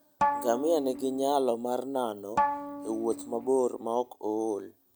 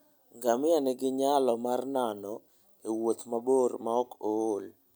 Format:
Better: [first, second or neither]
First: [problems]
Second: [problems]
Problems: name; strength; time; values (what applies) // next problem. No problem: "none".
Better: second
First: background sound (Bowed string instrument); 4 dB below the speech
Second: none